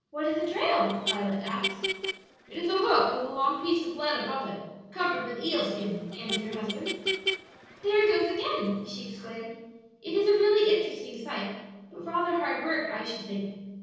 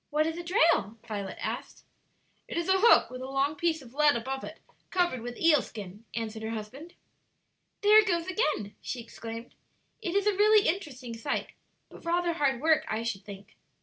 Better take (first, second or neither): second